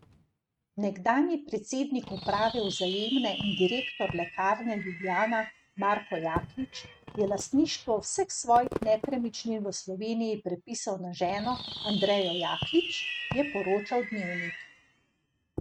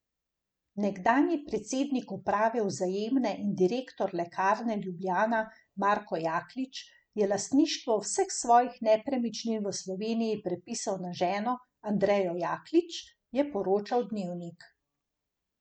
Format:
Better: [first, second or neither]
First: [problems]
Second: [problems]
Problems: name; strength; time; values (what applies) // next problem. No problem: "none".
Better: second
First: noise reduction (neural mask model RNNoise)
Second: none